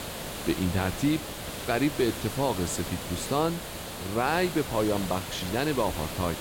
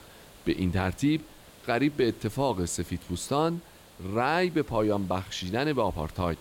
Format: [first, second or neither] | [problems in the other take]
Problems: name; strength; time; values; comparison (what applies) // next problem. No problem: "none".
second | hiss; loud; throughout; 7 dB below the speech; faint in the second